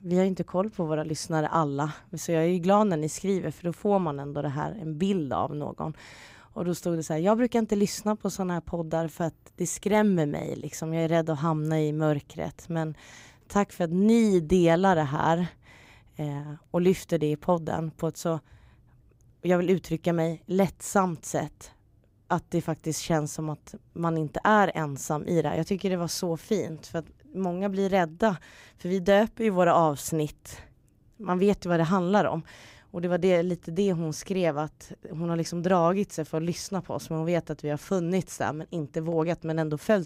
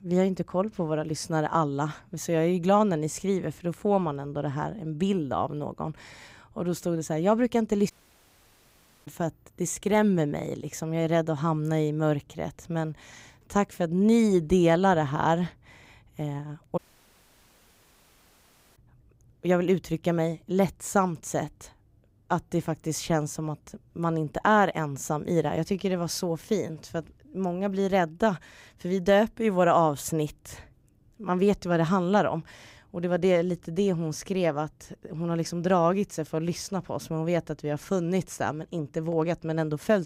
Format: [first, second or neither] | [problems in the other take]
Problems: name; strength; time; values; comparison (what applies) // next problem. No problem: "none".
first | audio cutting out; at 8 s for 1 s and at 17 s for 2 s